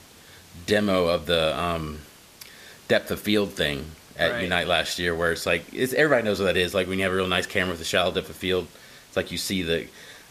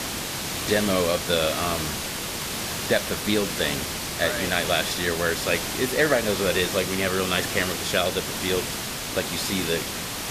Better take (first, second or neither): first